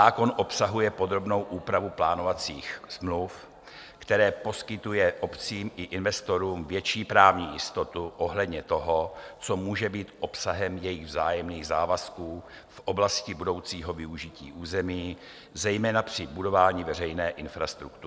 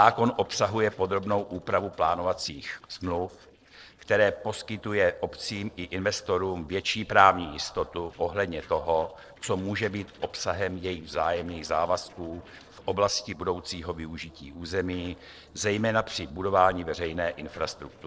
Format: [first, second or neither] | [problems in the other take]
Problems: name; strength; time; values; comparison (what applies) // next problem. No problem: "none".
first | noise reduction (neural separator model SepFormer DNS4)